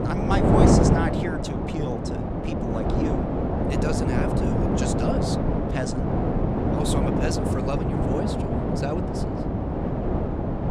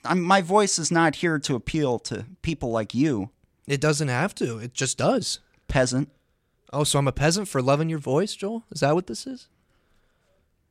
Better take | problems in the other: second | wind noise on the microphone; heavy; 5 dB above the speech

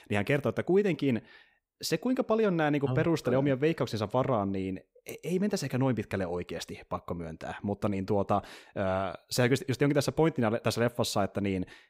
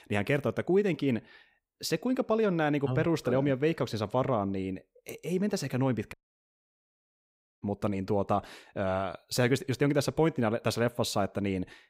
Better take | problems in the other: first | audio cutting out; at 6 s for 1.5 s

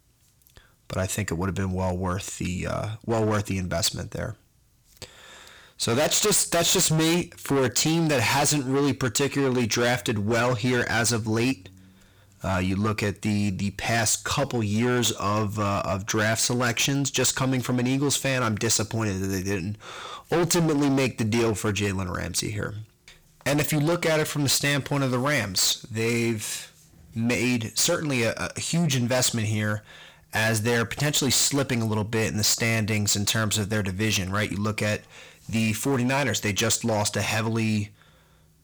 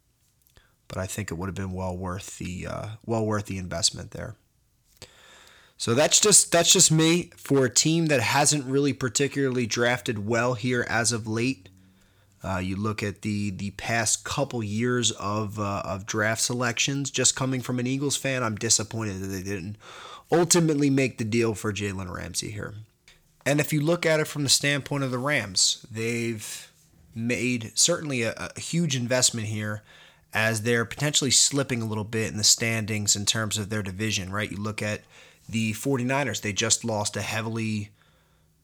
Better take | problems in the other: second | distortion; heavy; 15% of the sound clipped

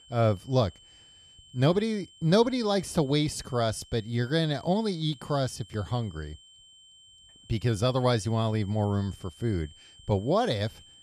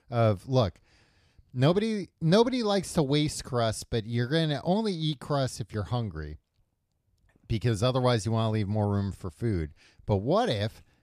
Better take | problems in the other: second | high-pitched whine; faint; throughout; 3 kHz, 25 dB below the speech

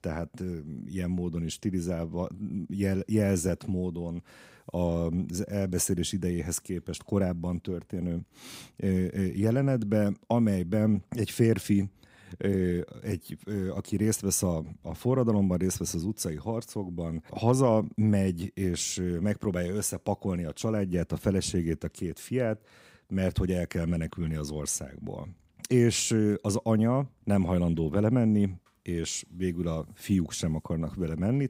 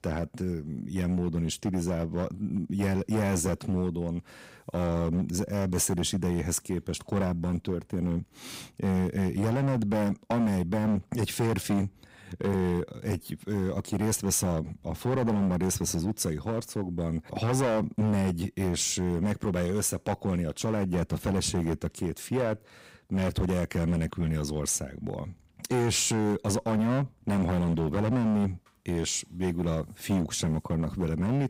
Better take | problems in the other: first | distortion; heavy; 12% of the sound clipped

